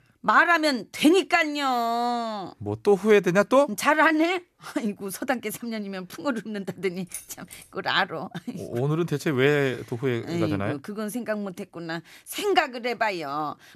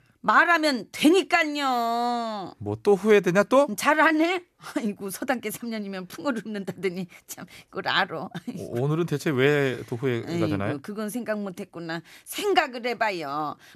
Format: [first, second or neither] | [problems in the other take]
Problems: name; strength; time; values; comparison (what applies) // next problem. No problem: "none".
second | jangling keys; faint; at 7 s; peak 15 dB below the speech